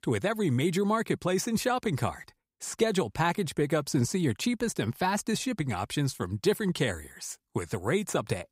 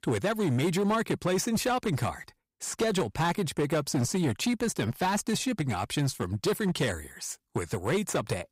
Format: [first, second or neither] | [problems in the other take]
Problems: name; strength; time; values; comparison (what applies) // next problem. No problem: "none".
first | distortion; slight; 10% of the sound clipped